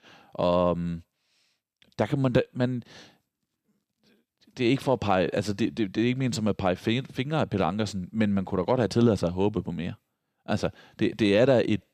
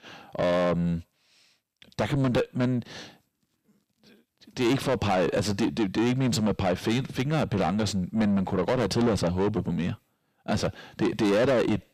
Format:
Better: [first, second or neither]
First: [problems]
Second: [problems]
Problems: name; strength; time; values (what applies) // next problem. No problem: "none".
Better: first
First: none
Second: distortion; heavy; 7 dB below the speech